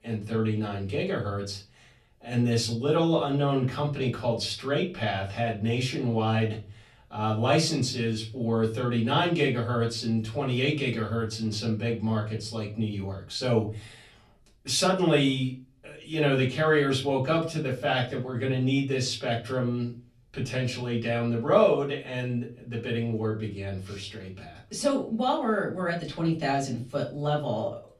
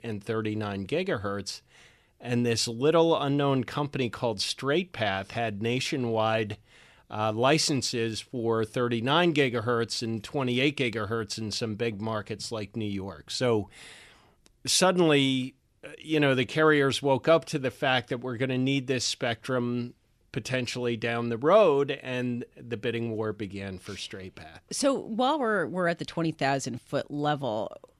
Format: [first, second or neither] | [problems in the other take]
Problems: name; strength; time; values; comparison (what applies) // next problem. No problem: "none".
second | off-mic speech; far // room echo; slight; dies away in 0.3 s